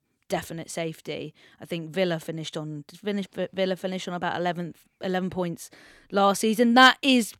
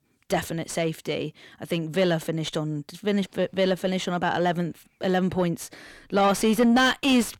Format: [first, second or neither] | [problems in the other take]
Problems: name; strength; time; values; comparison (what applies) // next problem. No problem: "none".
first | distortion; heavy; 5 dB below the speech